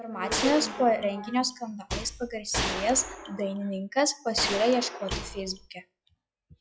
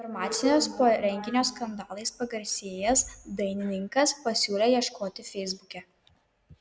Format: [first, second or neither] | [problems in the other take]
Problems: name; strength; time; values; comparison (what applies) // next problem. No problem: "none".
second | noise reduction (classical method log-MMSE)